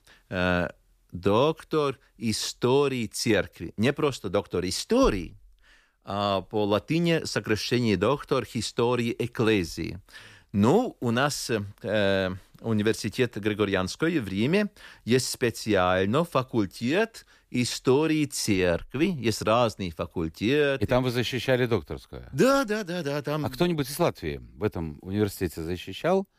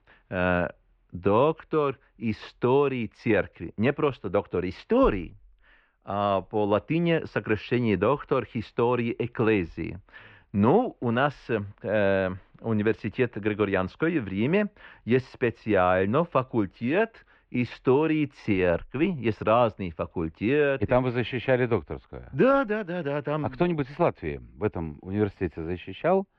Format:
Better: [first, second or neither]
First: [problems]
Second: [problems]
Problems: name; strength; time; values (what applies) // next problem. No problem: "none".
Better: first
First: none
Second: muffled; very; fading above 2.5 kHz